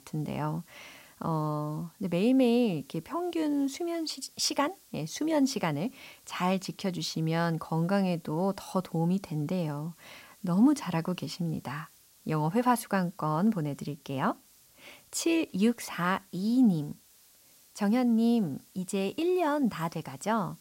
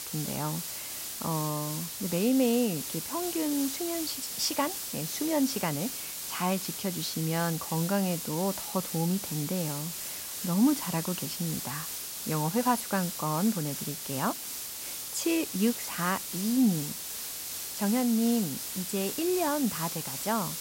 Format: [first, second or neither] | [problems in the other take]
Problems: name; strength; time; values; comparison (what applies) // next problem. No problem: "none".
first | hiss; loud; throughout; 4 dB below the speech; faint in the first